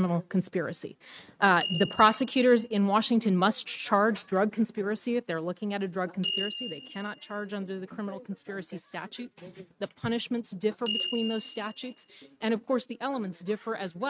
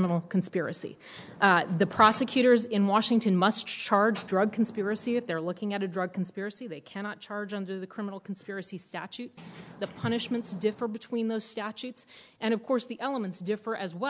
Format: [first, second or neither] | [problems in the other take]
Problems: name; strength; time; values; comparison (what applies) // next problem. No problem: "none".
second | noise reduction (neural mask model RNNoise)